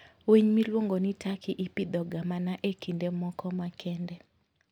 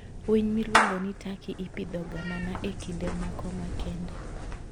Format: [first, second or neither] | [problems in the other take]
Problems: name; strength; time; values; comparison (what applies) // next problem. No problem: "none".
first | background sound (Meow / Clapping); as loud as the speech